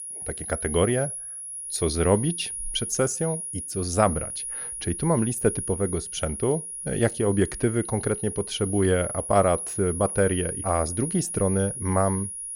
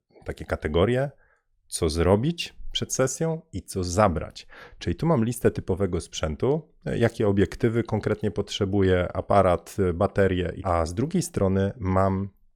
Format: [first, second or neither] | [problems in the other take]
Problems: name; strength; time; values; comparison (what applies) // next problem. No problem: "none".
second | high-pitched whine; loud; throughout; 10.5 kHz, 5 dB below the speech